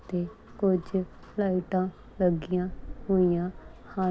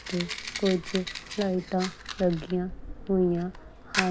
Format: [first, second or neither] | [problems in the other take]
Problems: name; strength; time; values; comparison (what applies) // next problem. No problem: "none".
first | background sound (Fire); 9 dB below the speech